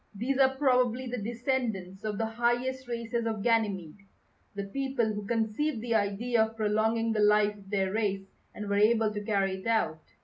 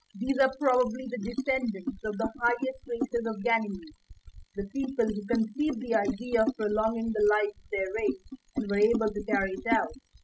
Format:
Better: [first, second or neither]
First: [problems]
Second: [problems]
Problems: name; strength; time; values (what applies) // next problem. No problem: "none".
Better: first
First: none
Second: noise reduction (classical method spectral subtraction)